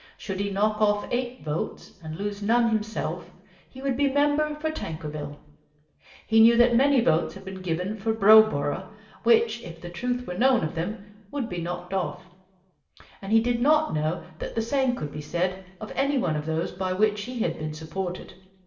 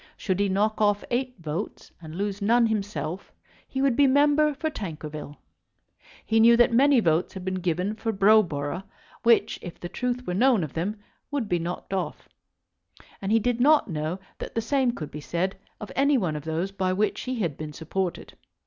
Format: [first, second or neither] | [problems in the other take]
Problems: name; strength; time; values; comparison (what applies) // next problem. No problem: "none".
second | room echo; dies away in 0.8 s